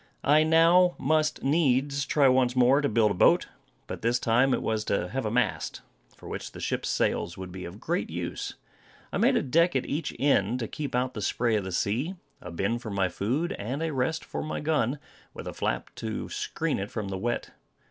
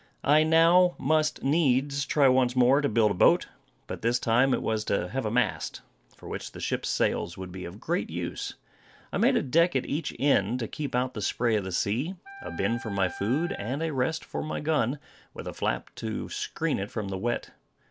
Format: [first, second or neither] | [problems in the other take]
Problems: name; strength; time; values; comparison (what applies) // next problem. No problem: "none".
first | background sound (Wind instrument, woodwind instrument); 15 dB below the speech